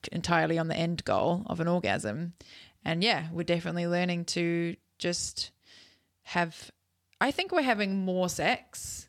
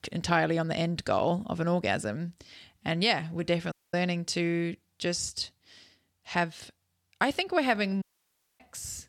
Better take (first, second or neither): first